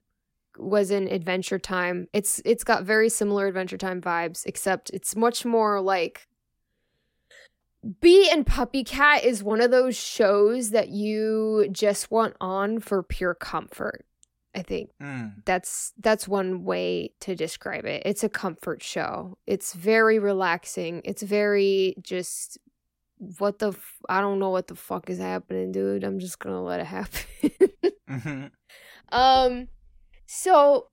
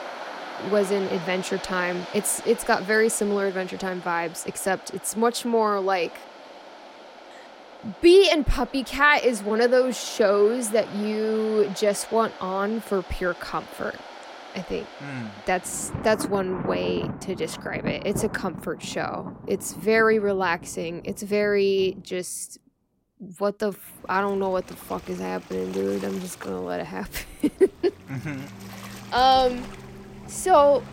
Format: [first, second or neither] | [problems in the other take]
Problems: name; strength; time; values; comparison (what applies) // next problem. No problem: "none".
first | rain or running water; noticeable; throughout; 15 dB below the speech